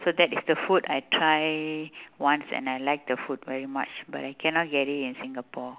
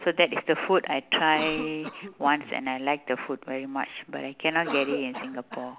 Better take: first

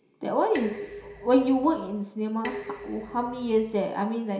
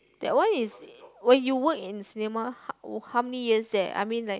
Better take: second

